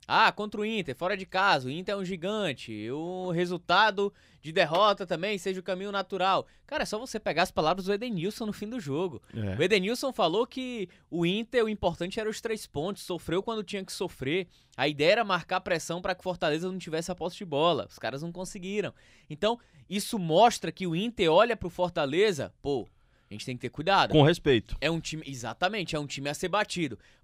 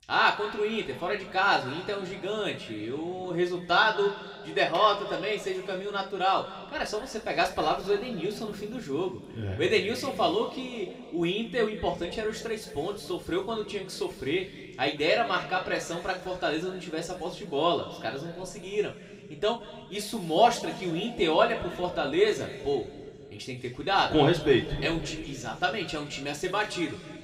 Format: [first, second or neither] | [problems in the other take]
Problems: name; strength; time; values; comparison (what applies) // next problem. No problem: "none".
first | room echo; slight; dies away in 2 s // off-mic speech; somewhat distant